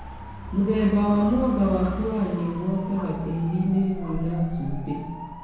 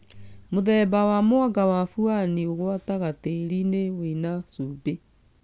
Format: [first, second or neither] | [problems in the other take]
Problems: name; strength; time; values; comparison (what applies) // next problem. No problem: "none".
second | background sound (Motorcycle / Dog); 11 dB below the speech // room echo; dies away in 1 s